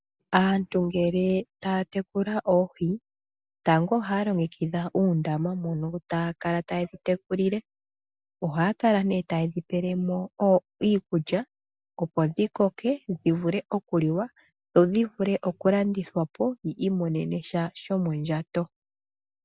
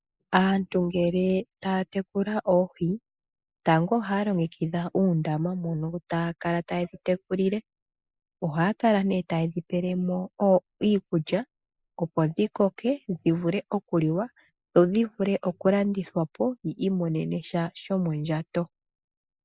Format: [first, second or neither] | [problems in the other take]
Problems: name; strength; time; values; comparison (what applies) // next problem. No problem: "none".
first | noise reduction (neural mask model Resemble Enhance denoiser)